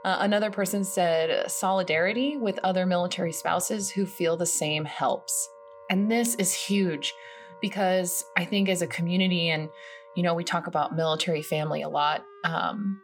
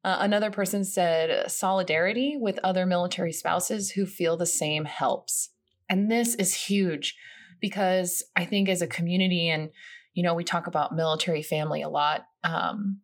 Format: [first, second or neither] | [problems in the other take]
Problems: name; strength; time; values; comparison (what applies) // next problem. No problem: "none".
second | background music; faint; throughout; 20 dB below the speech